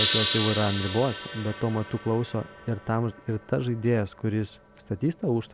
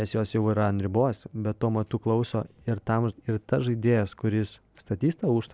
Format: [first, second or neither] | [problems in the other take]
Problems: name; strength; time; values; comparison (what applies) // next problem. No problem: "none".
second | background sound (Gong); 7 dB below the speech